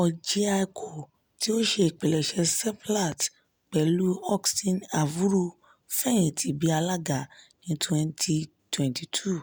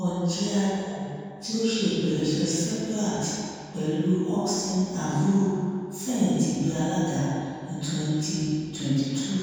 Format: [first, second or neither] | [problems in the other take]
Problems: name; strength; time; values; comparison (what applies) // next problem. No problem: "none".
first | room echo; dies away in 2.1 s